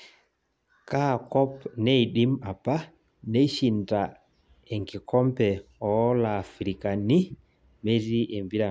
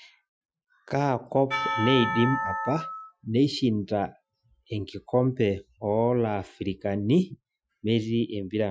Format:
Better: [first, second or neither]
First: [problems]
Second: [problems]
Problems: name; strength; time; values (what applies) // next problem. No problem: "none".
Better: first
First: none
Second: noise reduction (classical method Wiener filter)